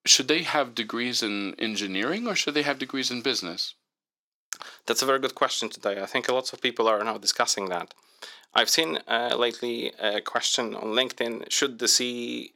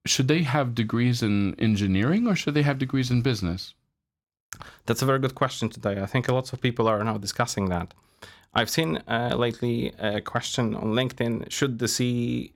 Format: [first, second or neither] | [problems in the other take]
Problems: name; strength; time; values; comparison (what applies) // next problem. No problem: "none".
second | thin; somewhat; fading below 350 Hz